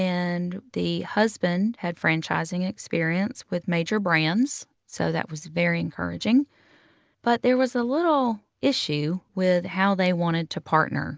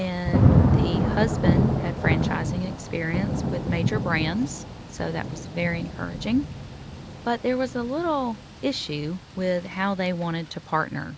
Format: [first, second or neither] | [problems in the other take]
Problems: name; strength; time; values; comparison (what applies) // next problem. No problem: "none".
first | background sound (Thunder / Rain); 2 dB above the speech